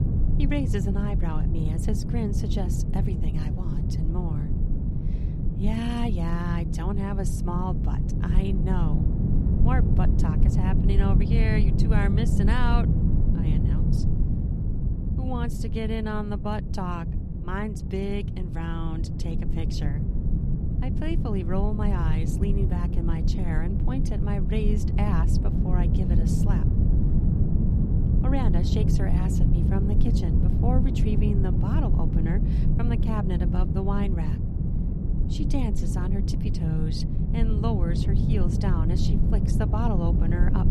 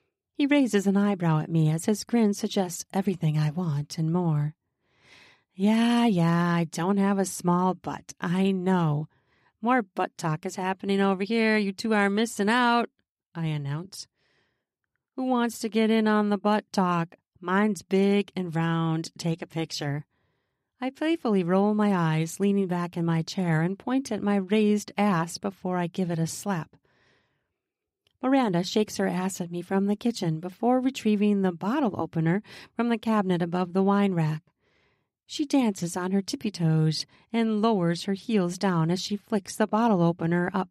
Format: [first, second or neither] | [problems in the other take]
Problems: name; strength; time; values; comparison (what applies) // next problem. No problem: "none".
second | low rumble; loud; throughout; 2 dB below the speech